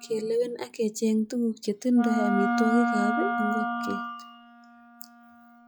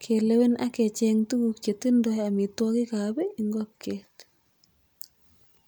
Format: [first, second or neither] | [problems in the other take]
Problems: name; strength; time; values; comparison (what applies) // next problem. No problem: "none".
second | noise reduction (classical method log-MMSE)